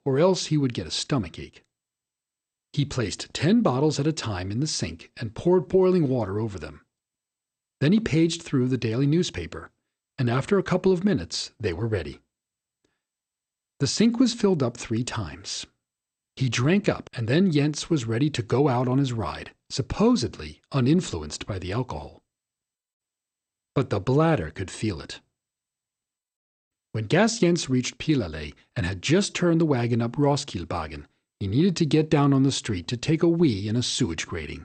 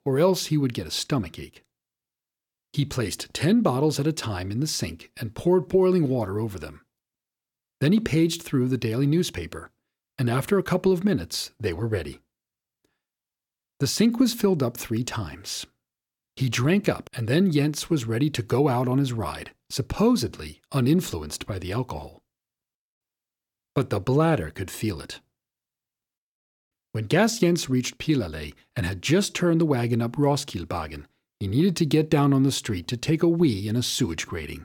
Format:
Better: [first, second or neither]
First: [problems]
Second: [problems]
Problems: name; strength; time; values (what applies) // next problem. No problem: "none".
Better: second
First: garbled, watery; slightly; nothing above 8.5 kHz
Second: none